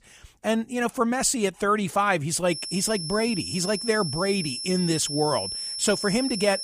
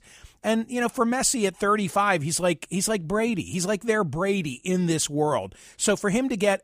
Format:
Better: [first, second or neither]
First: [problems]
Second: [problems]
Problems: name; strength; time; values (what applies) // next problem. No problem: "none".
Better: second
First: high-pitched whine; loud; from 2.5 s on; 5.5 kHz, 5 dB below the speech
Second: none